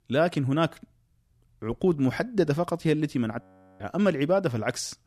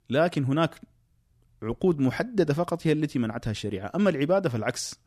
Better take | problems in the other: second | audio freezing; at 3.5 s

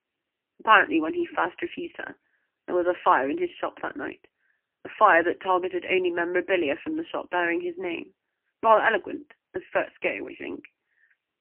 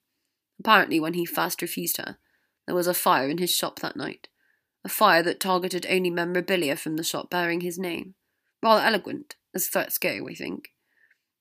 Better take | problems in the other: second | phone-call audio; poor line; nothing above 3 kHz

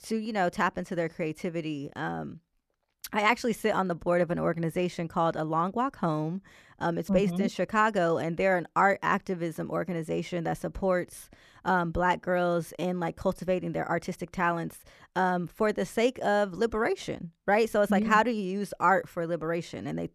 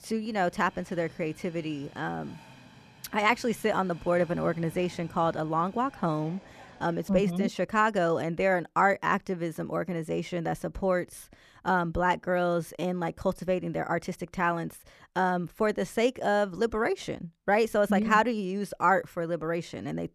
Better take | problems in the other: first | train or aircraft noise; faint; until 7 s; 25 dB below the speech

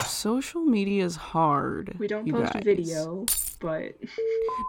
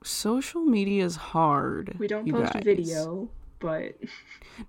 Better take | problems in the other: second | clattering dishes; noticeable; at the start; peak 7 dB below the speech // jangling keys; loud; at 3.5 s; peak 1 dB above the speech // alarm; noticeable; at 4 s; peak 1 dB below the speech

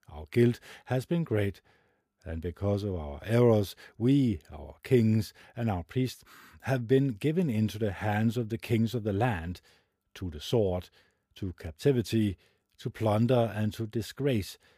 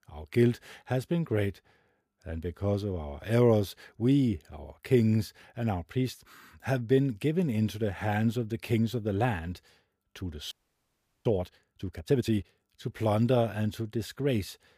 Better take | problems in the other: first | audio freezing; at 11 s for 0.5 s

